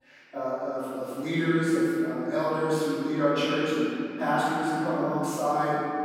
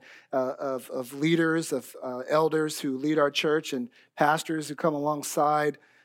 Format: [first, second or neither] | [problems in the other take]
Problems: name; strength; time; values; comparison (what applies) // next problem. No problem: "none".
second | off-mic speech; far // room echo; strong; dies away in 3 s